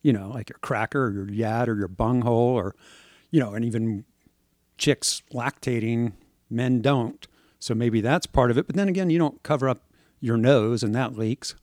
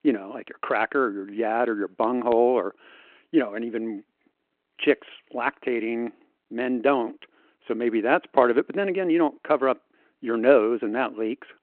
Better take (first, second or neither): first